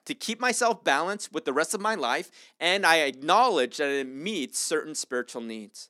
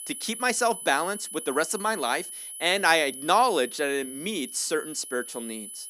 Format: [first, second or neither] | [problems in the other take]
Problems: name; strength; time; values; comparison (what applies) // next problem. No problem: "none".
first | high-pitched whine; noticeable; throughout; 10 kHz, 10 dB below the speech